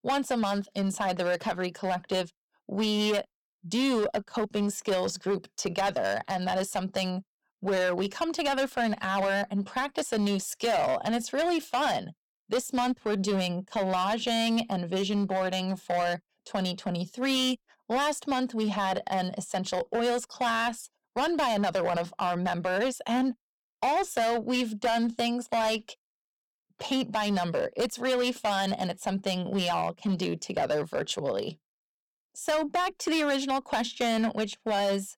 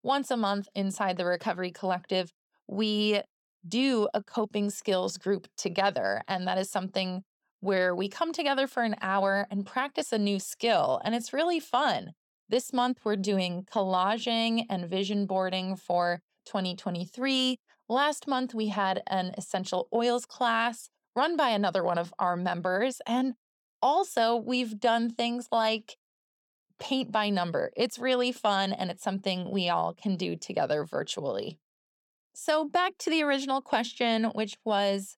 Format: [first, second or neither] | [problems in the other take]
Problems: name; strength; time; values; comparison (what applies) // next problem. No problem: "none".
second | distortion; slight; 11% of the sound clipped